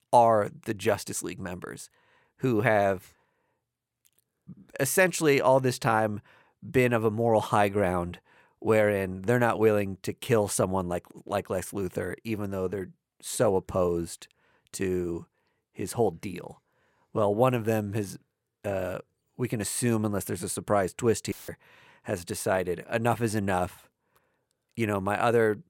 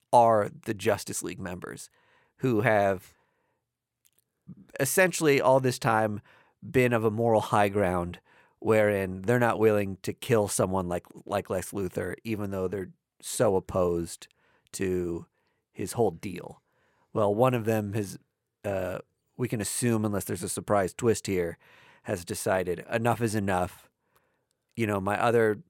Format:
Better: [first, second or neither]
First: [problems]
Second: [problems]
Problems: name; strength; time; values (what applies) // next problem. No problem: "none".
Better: second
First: audio cutting out; filled with static; at 21 s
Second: none